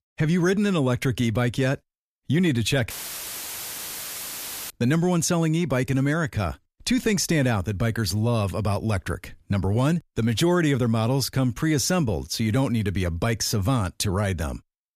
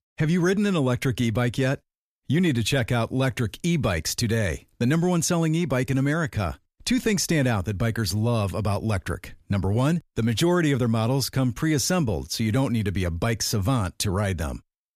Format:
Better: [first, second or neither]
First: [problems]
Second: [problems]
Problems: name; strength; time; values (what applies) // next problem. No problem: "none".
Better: second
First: audio cutting out; filled with static; at 3 s for 2 s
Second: none